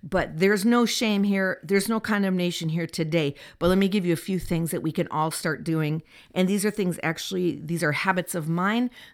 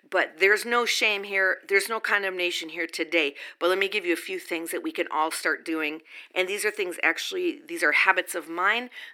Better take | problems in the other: first | thin; very; fading below 300 Hz

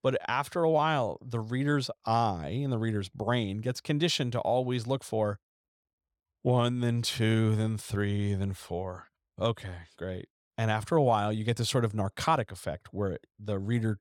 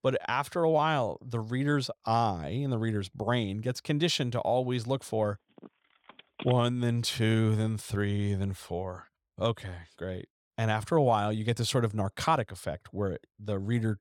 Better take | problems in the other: first | phone ringing; faint; from 5 to 6.5 s; peak 10 dB below the speech

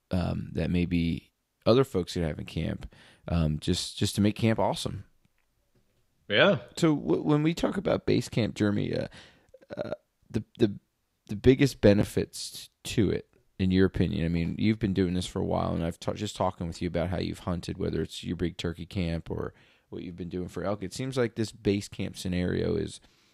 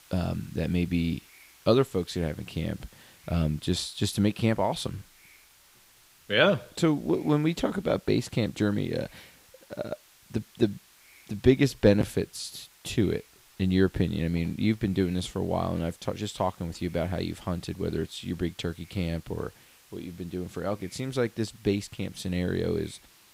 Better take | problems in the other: first | hiss; faint; throughout; 25 dB below the speech

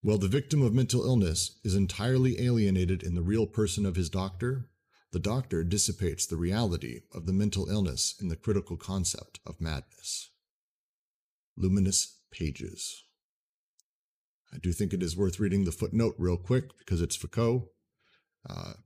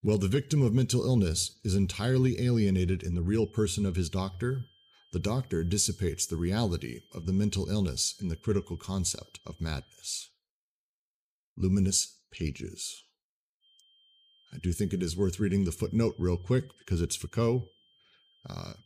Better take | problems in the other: first | high-pitched whine; faint; from 3.5 to 10 s and from 14 s on; 3 kHz, 30 dB below the speech

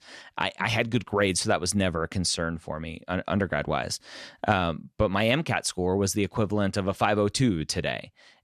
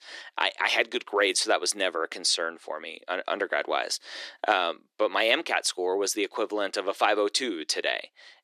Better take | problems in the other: first | thin; very; fading below 350 Hz

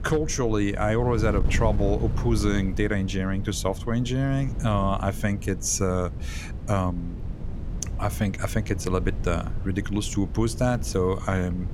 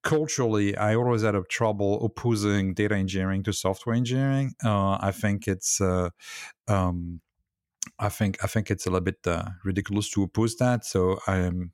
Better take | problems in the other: second | wind noise on the microphone; occasional gusts; 15 dB below the speech

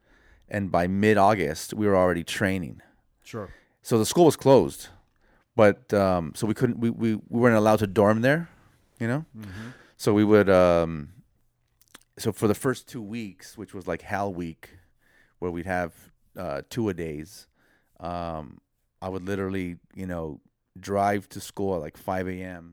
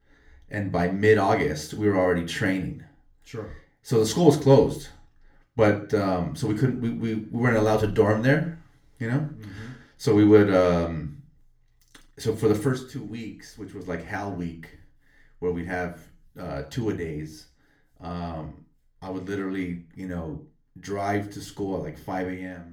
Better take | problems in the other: first | room echo; very slight; dies away in 0.3 s // off-mic speech; somewhat distant

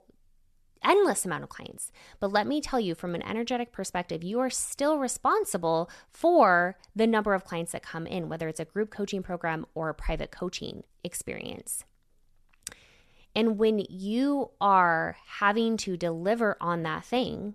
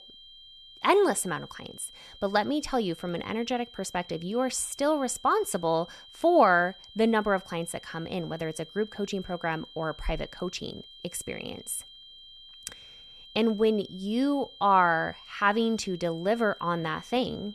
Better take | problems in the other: first | high-pitched whine; noticeable; throughout; 3 kHz, 20 dB below the speech

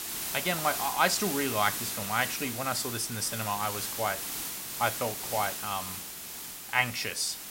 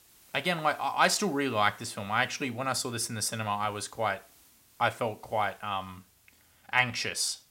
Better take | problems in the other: second | hiss; loud; throughout; 3 dB below the speech; faint in the second

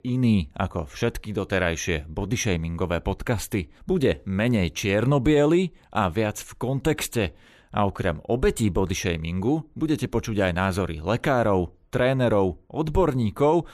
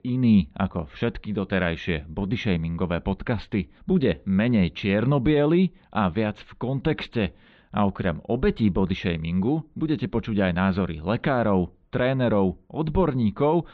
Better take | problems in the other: first | muffled; slightly; fading above 4 kHz

